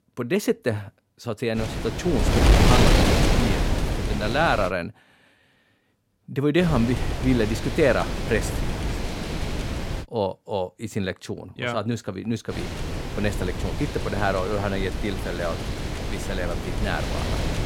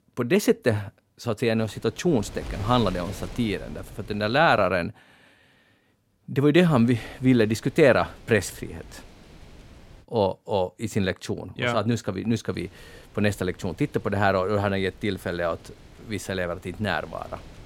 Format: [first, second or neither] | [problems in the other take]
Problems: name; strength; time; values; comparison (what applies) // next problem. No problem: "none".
second | wind noise on the microphone; heavy; from 1.5 to 4.5 s, from 6.5 to 10 s and from 13 s on; 2 dB below the speech; occasional gusts in the second